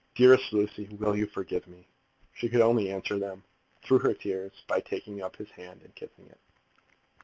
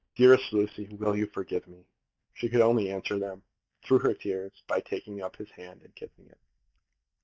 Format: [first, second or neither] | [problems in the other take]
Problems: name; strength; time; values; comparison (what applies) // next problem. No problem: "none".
first | noise reduction (neural mask model DeepFilterNet 3)